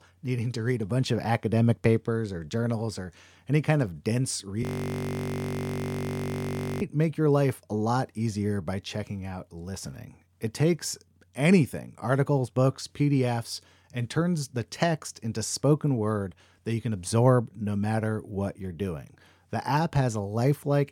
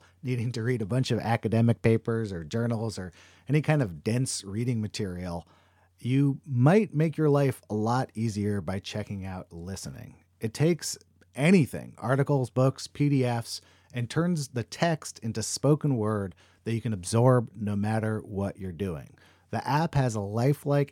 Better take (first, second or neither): second